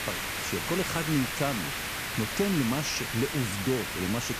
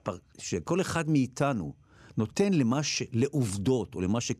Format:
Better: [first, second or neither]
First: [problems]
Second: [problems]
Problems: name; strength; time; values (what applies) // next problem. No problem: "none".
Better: second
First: hiss; loud; throughout; 1 dB below the speech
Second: none